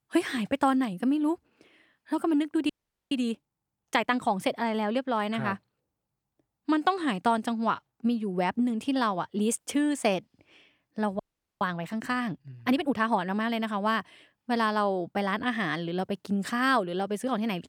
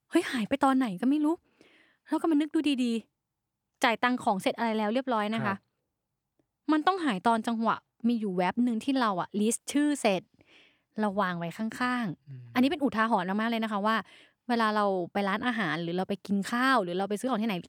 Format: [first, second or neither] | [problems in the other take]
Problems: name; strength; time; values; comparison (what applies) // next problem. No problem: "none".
second | audio freezing; at 2.5 s and at 11 s